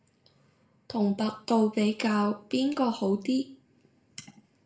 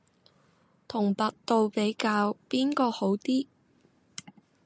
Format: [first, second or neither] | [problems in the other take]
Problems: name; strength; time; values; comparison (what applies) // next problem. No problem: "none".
second | room echo; dies away in 0.4 s